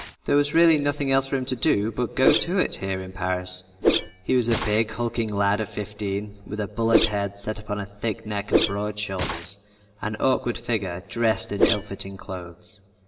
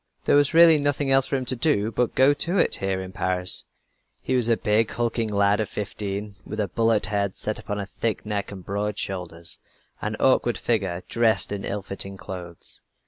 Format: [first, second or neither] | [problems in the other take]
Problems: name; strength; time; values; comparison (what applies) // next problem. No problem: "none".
second | background sound (Whoosh, swoosh, swish); 5 dB below the speech // room echo; dies away in 1.8 s